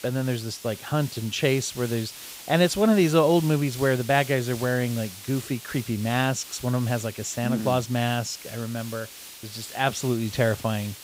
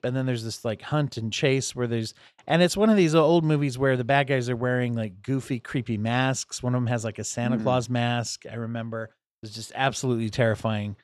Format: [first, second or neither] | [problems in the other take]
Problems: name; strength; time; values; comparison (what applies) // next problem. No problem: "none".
second | hiss; noticeable; throughout; 15 dB below the speech